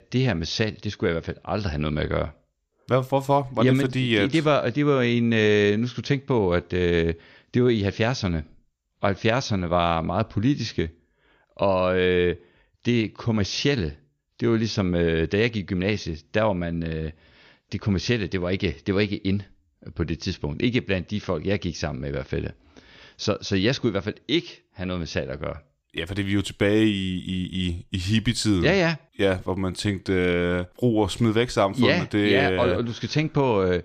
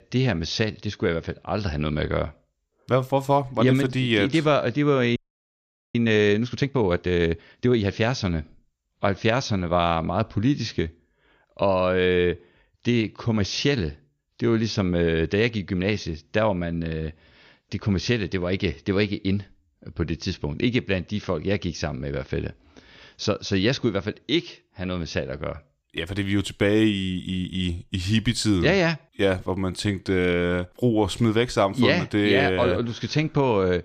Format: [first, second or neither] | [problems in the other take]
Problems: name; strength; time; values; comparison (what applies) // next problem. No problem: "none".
first | audio freezing; at 5 s for 1 s